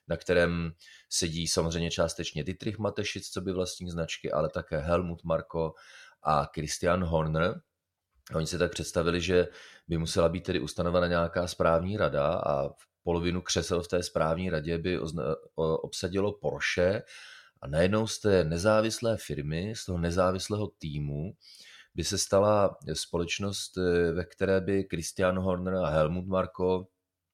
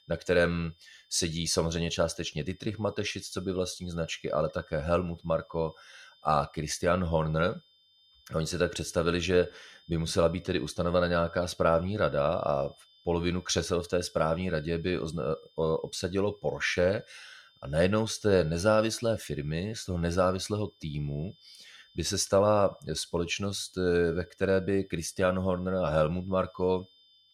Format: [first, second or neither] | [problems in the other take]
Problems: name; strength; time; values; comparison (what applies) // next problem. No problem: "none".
first | high-pitched whine; faint; throughout; 3.5 kHz, 30 dB below the speech